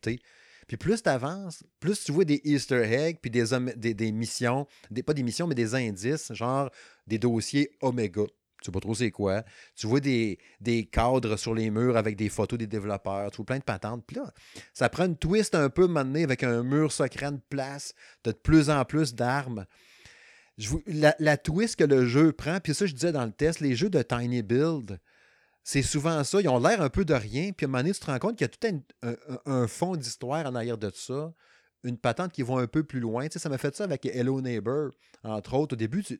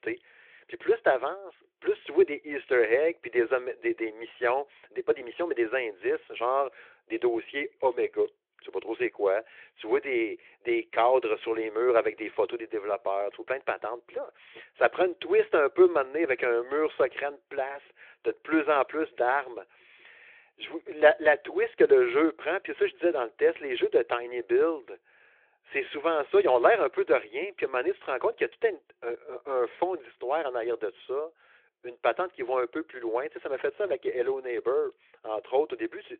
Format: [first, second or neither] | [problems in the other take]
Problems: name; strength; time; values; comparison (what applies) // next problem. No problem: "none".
first | phone-call audio